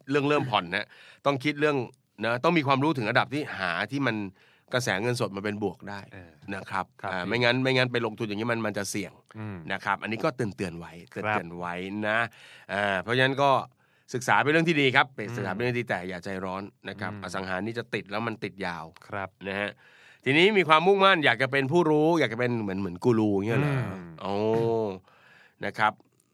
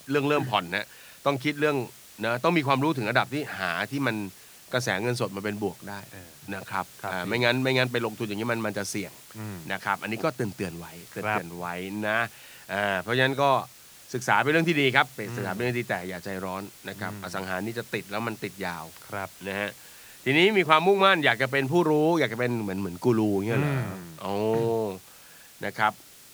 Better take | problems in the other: first | hiss; faint; throughout; 20 dB below the speech

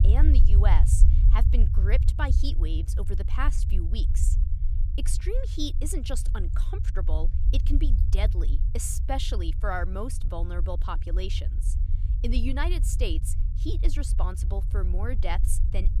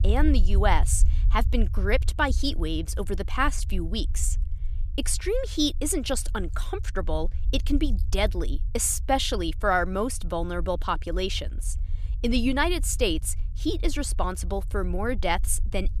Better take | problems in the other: second | low rumble; loud; throughout; 10 dB below the speech; faint in the second

